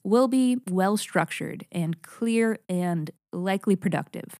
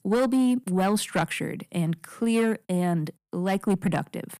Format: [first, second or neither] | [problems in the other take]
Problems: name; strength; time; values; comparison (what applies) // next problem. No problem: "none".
first | distortion; slight; 10 dB below the speech